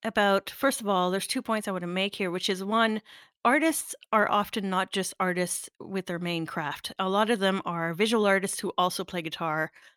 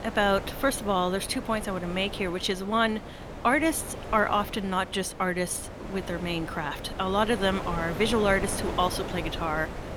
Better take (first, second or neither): first